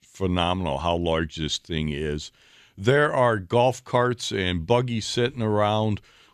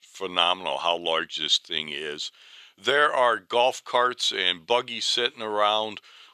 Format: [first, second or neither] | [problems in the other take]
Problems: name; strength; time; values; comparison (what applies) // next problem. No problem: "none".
first | thin; very; fading below 550 Hz